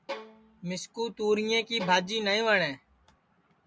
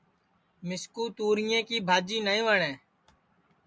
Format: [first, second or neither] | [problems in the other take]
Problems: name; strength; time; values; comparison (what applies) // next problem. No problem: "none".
second | background sound (Bowed string instrument); 16 dB below the speech